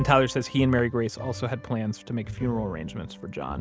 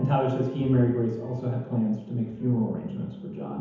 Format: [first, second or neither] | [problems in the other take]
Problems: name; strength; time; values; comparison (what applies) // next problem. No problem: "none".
first | room echo; dies away in 1 s